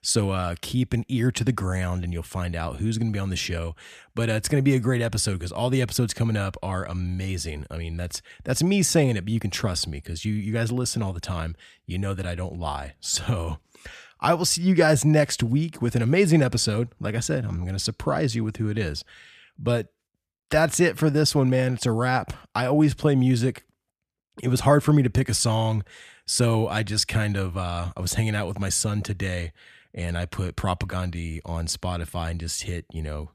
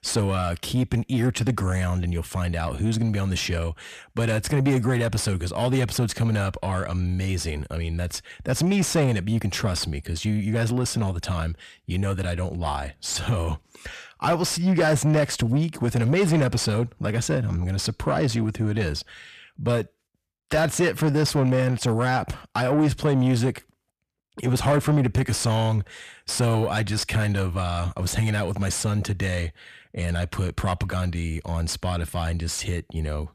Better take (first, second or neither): first